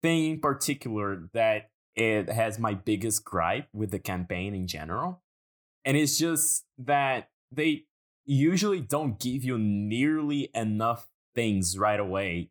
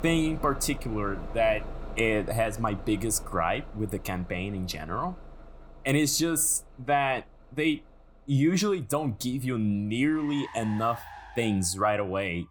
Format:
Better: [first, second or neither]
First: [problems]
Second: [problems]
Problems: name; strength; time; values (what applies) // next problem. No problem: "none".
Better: first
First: none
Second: traffic noise; noticeable; throughout; 15 dB below the speech